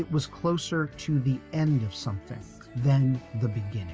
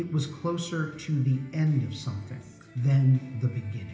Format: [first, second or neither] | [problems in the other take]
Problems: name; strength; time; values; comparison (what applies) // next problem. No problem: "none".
first | room echo; dies away in 1 s